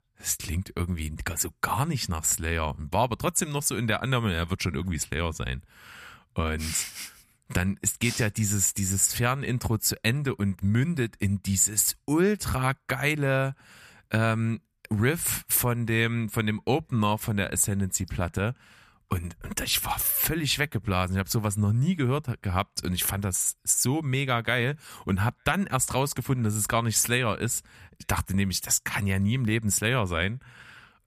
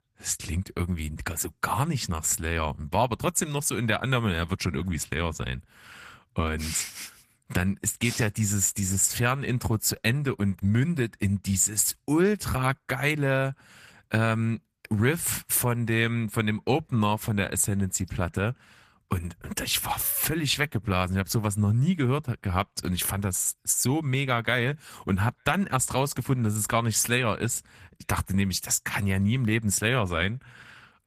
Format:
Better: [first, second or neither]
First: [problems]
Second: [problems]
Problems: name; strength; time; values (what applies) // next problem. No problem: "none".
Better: first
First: none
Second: garbled, watery; slightly; nothing above 14.5 kHz